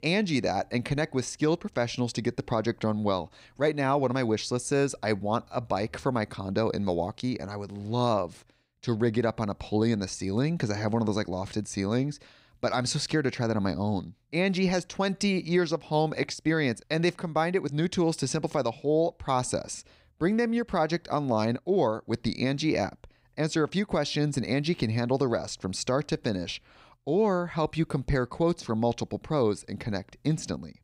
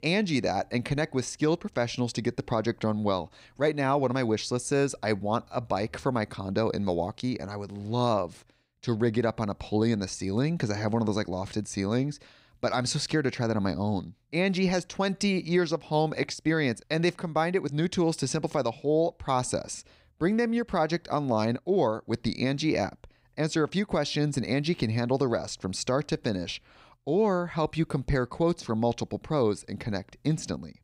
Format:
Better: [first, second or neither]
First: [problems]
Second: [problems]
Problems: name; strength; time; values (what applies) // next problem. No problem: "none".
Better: neither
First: none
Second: none